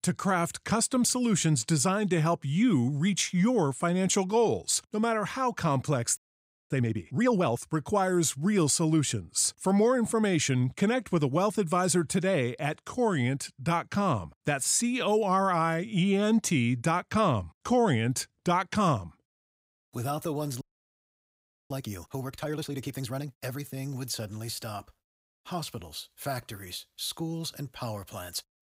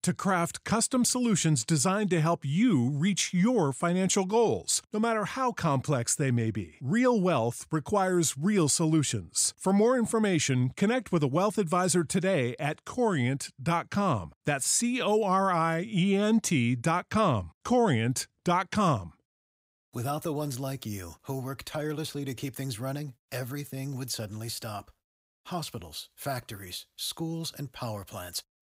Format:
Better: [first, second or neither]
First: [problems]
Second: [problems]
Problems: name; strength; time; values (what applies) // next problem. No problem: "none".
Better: second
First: audio freezing; at 6 s for 0.5 s and at 21 s for 1 s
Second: none